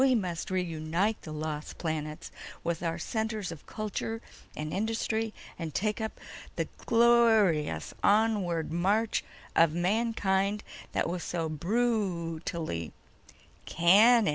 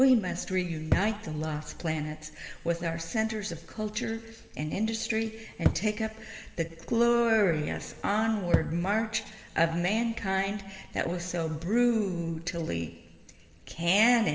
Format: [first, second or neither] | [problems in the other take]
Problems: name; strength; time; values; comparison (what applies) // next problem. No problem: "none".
first | background sound (Thump, thud); 2 dB below the speech // room echo; dies away in 2.4 s